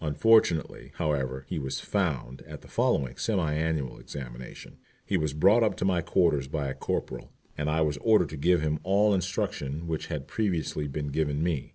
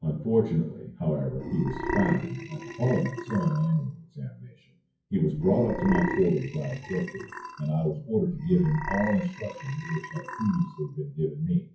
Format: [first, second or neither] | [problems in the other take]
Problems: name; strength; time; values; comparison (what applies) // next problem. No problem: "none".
first | noise reduction (classical method WPE with log-MMSE)